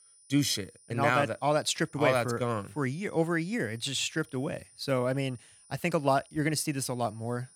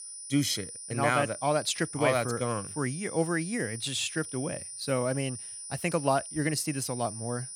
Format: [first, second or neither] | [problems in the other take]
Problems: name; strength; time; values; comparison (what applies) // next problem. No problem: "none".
first | high-pitched whine; loud; throughout; 9.5 kHz, 9 dB below the speech; faint in the first